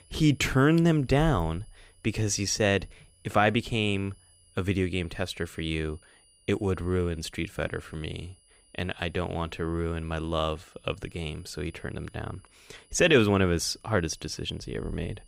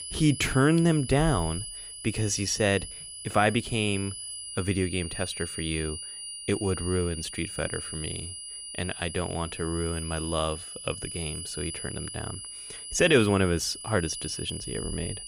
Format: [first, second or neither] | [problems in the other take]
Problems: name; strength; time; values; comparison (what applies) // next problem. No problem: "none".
first | high-pitched whine; loud; throughout; 9.5 kHz, 8 dB below the speech; faint in the first